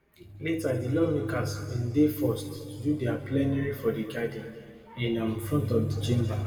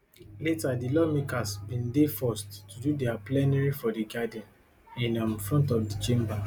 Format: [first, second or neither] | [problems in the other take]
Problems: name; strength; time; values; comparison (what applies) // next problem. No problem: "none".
second | room echo; dies away in 2.1 s